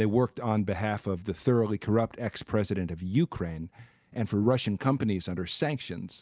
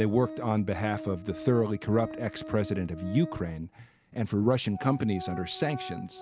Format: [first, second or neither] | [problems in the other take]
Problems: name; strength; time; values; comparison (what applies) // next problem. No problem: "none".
first | background sound (Organ); 13 dB below the speech